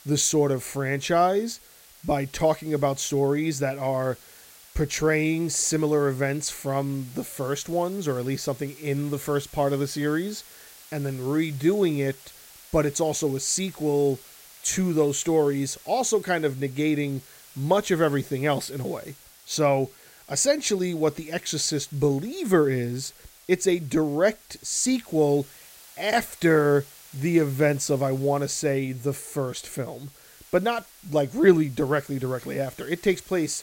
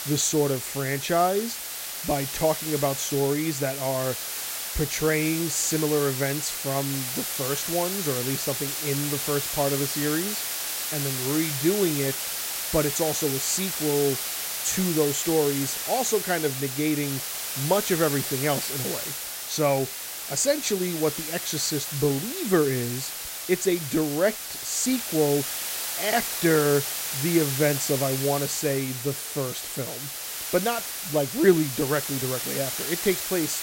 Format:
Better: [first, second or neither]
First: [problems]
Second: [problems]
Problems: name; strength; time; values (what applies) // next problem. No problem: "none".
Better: first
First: hiss; faint; throughout; 20 dB below the speech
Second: hiss; loud; throughout; 3 dB below the speech